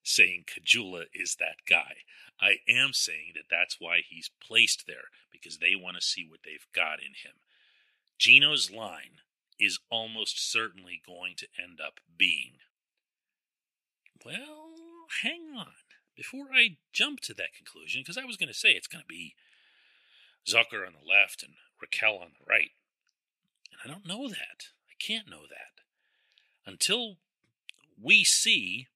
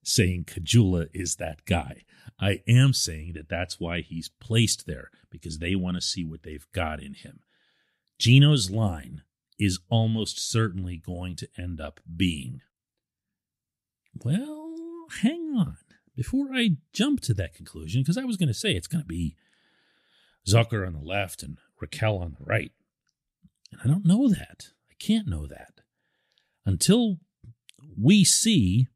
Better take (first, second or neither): second